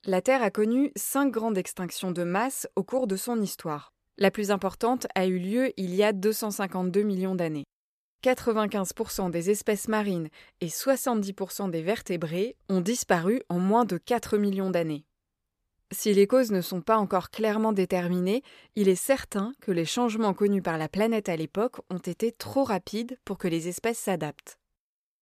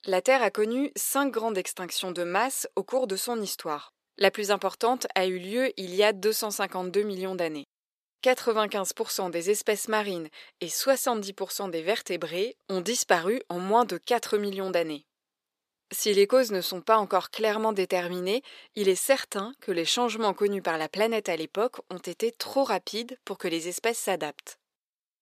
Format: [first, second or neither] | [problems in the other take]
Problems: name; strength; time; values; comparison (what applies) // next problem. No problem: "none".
first | thin; somewhat; fading below 350 Hz